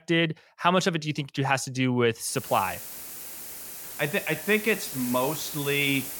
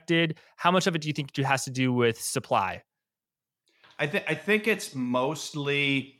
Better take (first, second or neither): second